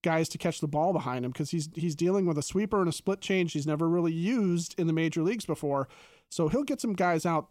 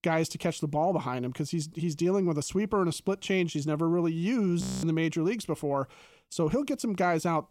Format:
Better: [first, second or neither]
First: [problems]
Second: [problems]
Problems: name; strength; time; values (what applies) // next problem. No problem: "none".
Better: first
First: none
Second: audio freezing; at 4.5 s